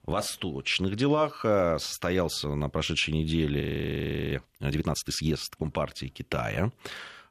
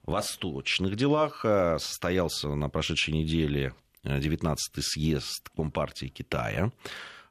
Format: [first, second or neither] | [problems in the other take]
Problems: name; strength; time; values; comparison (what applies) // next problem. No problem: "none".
second | audio freezing; at 3.5 s for 0.5 s